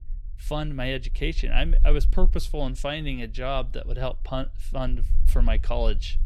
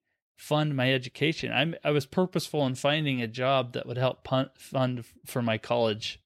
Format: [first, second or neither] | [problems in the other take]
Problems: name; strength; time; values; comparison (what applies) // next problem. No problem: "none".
second | low rumble; faint; throughout; 25 dB below the speech